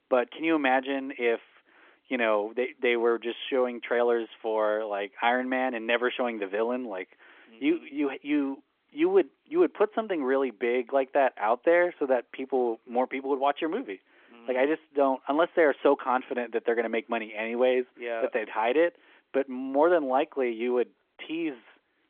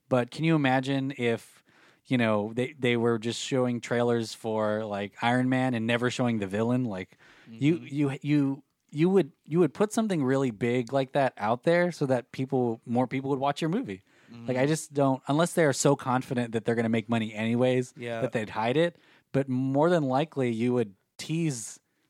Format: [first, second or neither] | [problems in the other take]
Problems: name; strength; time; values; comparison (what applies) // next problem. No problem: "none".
second | phone-call audio; nothing above 3.5 kHz